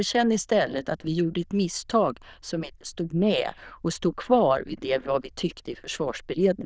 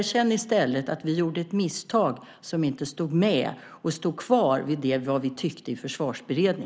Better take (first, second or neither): second